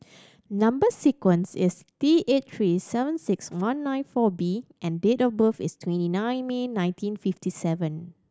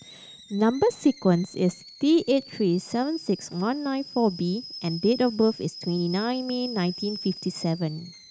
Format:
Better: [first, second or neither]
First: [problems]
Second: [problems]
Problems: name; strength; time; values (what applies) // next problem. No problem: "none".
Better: first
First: none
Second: background sound (Boiling / Alarm); 16 dB below the speech